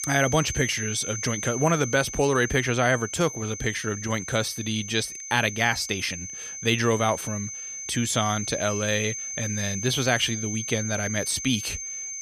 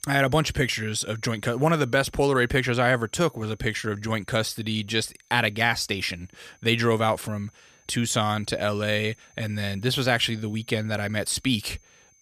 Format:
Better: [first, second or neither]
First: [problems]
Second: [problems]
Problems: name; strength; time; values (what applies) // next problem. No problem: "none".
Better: second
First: high-pitched whine; loud; throughout; 6.5 kHz, 6 dB below the speech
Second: high-pitched whine; faint; throughout; 6.5 kHz, 35 dB below the speech